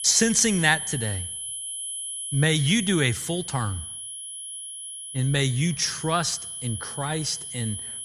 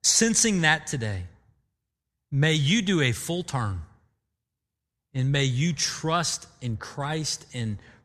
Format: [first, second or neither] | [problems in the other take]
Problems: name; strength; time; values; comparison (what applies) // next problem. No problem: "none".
second | high-pitched whine; loud; throughout; 10.5 kHz, 8 dB below the speech